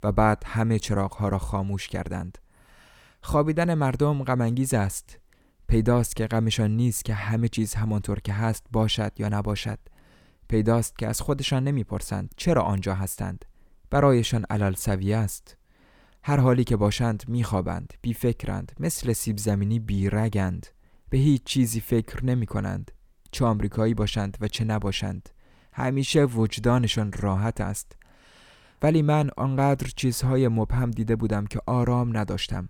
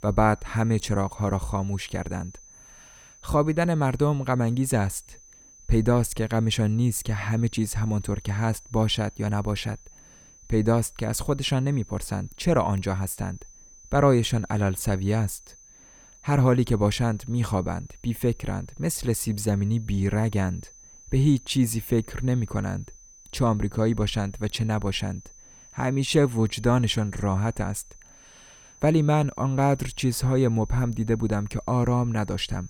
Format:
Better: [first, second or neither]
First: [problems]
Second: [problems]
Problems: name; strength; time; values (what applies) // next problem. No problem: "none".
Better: first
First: none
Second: high-pitched whine; faint; throughout; 6 kHz, 25 dB below the speech